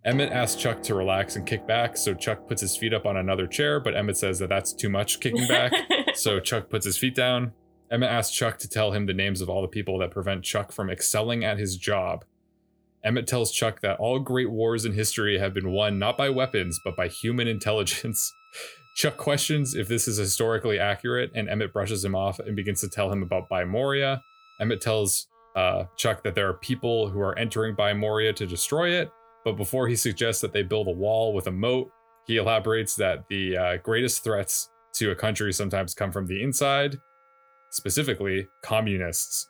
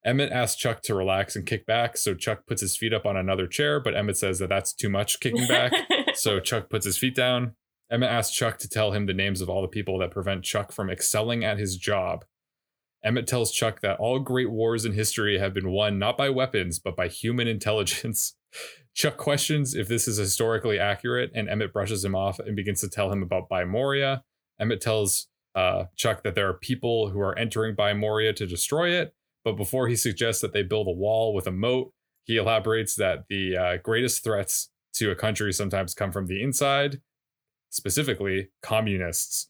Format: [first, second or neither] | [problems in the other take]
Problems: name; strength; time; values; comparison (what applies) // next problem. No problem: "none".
second | background music; faint; throughout; 25 dB below the speech